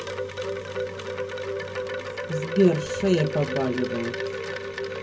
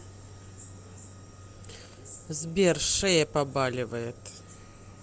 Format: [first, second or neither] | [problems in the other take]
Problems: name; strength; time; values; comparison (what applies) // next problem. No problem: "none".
second | background sound (Wind chime); 4 dB below the speech // room echo; dies away in 0.3 s